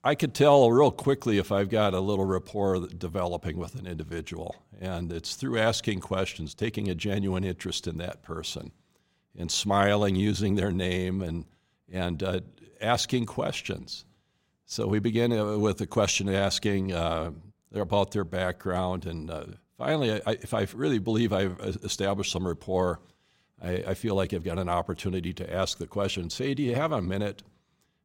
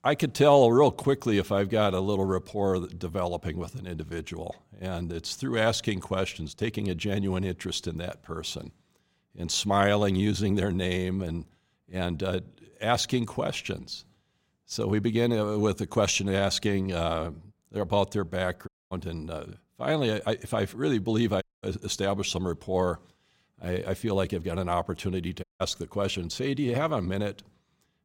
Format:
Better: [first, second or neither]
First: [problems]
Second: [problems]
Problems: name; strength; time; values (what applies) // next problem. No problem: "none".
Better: first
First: none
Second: audio cutting out; at 19 s, at 21 s and at 25 s